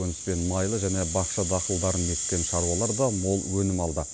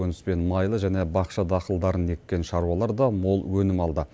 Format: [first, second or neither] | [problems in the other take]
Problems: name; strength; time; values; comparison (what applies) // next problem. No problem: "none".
second | background sound (Rattle (instrument)); 4 dB below the speech